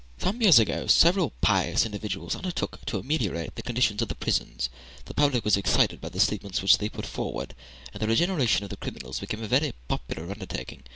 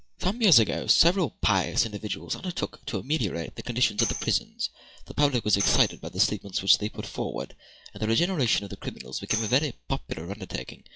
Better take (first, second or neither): first